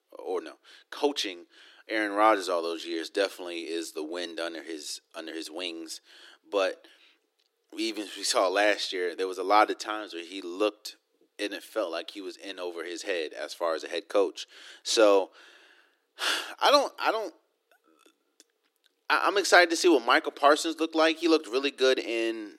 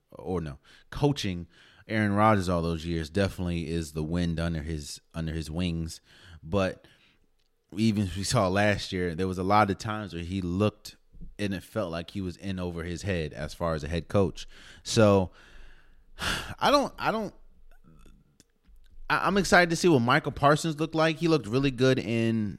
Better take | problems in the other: second | thin; very; fading below 300 Hz

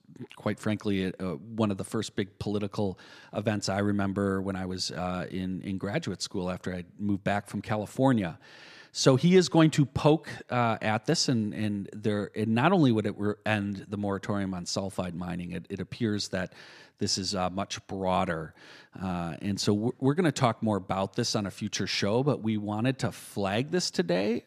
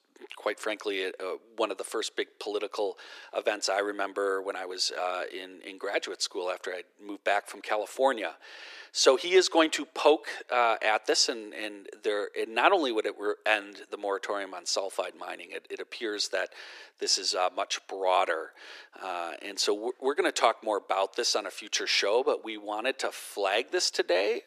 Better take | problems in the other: first | thin; very; fading below 350 Hz

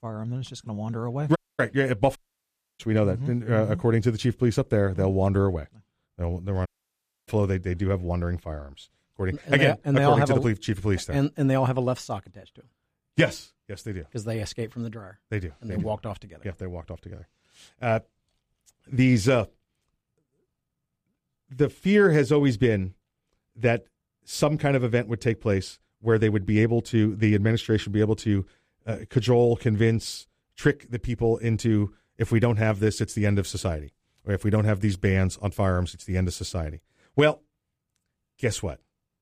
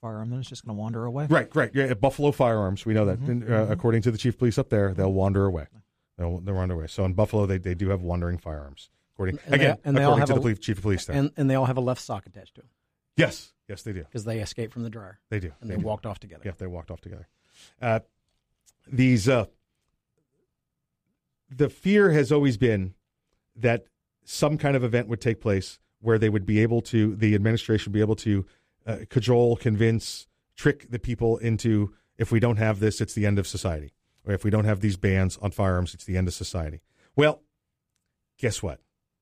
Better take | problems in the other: second | audio cutting out; at 1.5 s, at 2 s for 0.5 s and at 6.5 s for 0.5 s

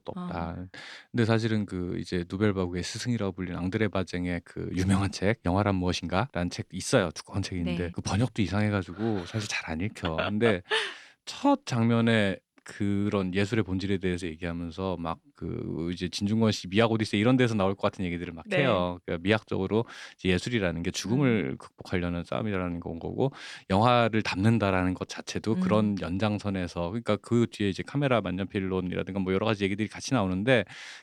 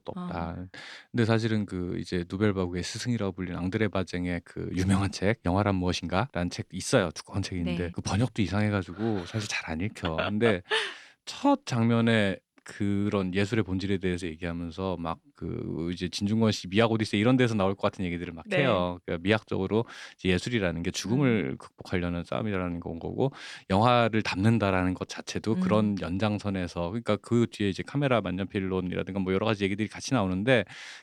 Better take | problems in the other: neither | none

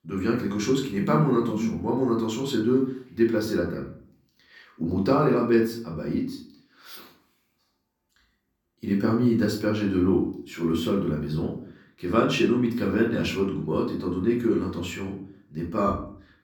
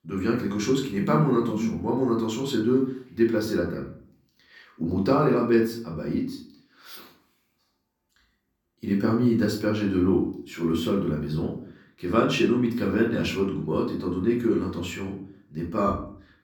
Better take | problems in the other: neither | off-mic speech; far; the same in both // room echo; slight; dies away in 0.4 s; the same in both

